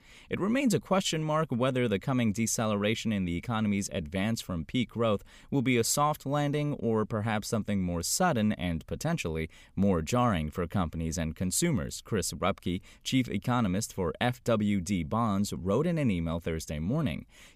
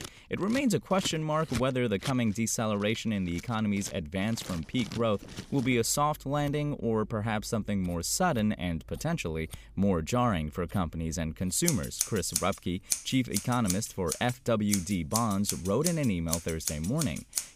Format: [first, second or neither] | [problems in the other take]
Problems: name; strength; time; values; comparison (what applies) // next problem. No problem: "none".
first | household noises; loud; throughout; 6 dB below the speech